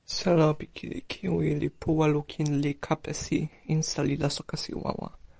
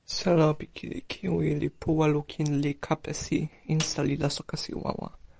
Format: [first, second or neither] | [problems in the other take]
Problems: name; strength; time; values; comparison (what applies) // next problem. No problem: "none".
first | background sound (Snare drum); 16 dB below the speech